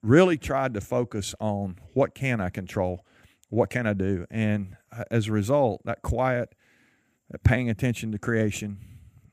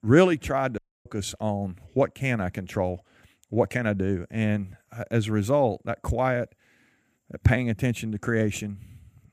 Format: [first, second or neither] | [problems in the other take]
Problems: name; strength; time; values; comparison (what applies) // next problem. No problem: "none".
first | audio cutting out; at 1 s